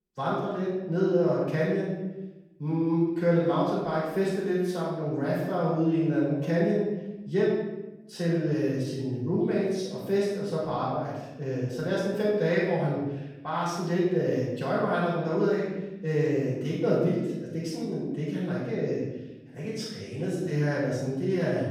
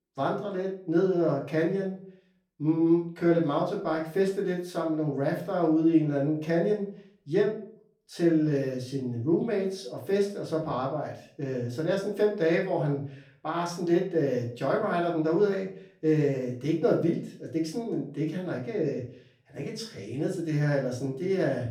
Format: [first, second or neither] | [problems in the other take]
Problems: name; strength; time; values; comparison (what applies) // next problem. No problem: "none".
second | room echo; strong; dies away in 0.9 s; slight in the second // off-mic speech; far; far in the second